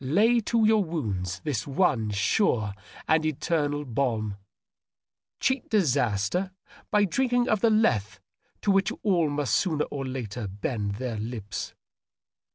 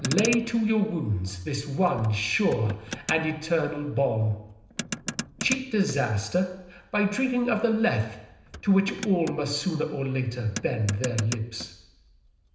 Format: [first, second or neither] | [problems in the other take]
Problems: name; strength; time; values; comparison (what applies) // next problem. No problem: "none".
first | background sound (Motor vehicle (road)); 12 dB below the speech // room echo; dies away in 0.9 s